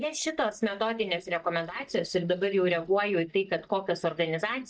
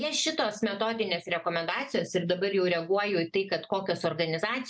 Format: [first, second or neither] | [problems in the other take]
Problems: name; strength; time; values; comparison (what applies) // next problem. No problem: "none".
second | noise reduction (neural mask model DeepFilterNet 3)